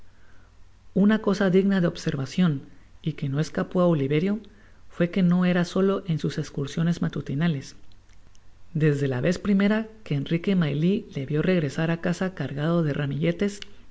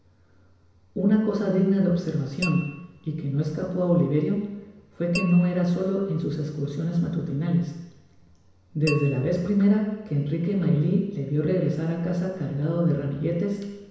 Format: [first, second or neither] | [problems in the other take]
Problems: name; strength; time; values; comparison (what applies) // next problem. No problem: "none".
first | background sound (Tap / Glass); 15 dB below the speech // room echo; dies away in 1 s